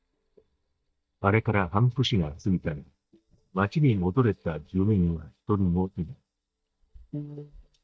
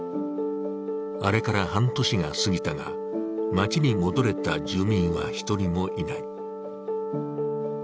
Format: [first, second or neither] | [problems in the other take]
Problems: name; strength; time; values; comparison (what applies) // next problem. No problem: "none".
second | noise reduction (neural mask model DeepFilterNet 3)